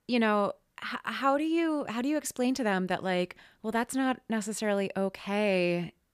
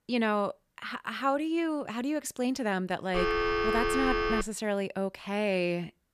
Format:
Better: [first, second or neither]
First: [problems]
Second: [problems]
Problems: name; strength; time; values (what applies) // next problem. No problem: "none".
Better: first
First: none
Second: phone ringing; loud; from 3 to 4.5 s; peak 3 dB above the speech